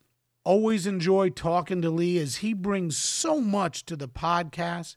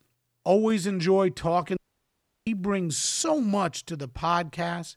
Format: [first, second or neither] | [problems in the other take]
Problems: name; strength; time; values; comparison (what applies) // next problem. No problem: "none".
first | audio cutting out; at 2 s for 0.5 s